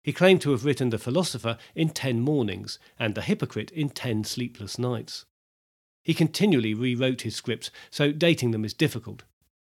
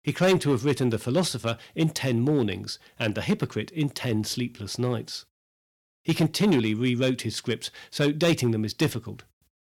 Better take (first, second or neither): first